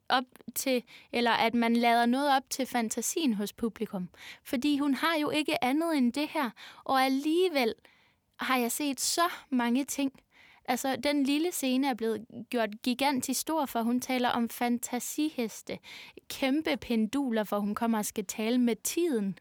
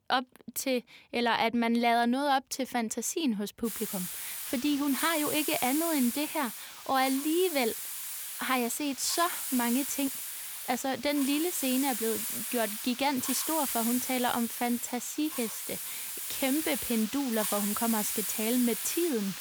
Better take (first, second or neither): first